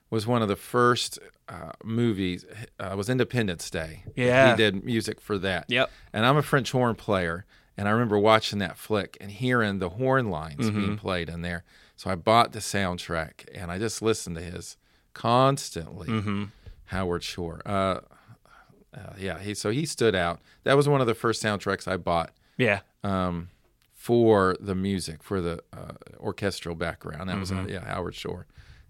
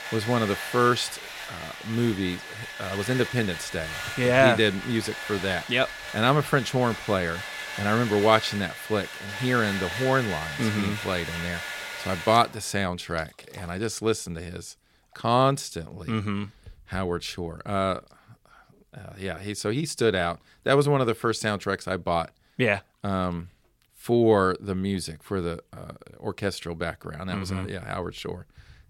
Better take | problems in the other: first | household noises; loud; throughout; 8 dB below the speech

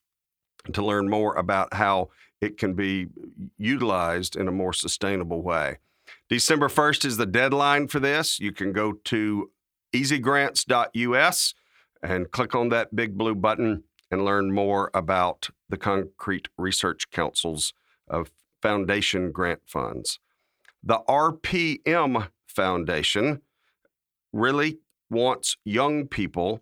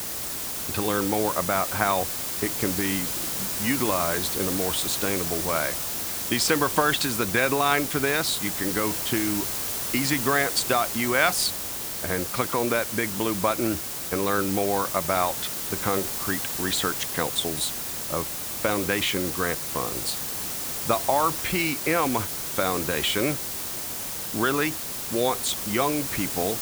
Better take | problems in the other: first | hiss; loud; throughout; 2 dB below the speech

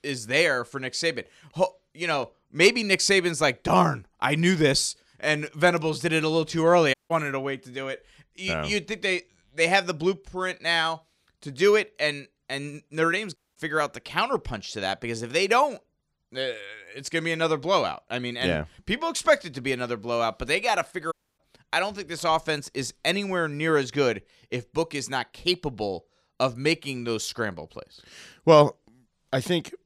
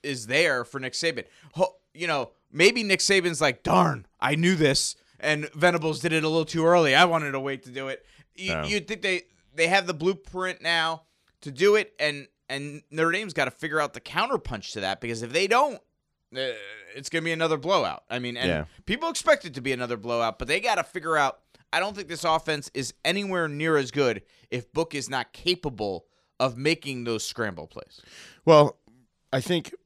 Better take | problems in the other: second | audio cutting out; at 7 s, at 13 s and at 21 s

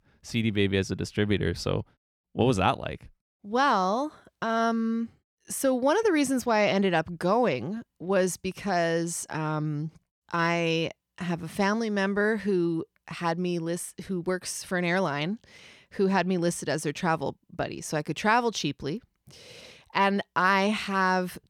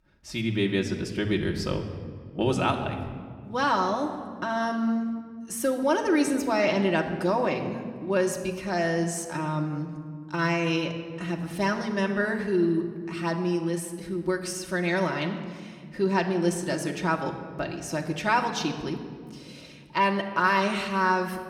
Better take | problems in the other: first | room echo; slight; dies away in 1.5 s // off-mic speech; somewhat distant

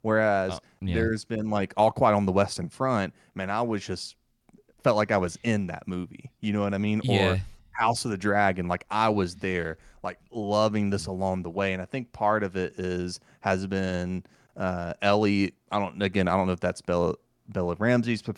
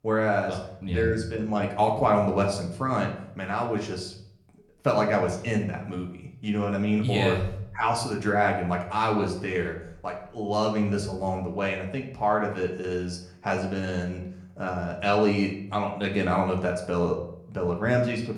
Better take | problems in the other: first | room echo; slight; dies away in 0.6 s // off-mic speech; somewhat distant

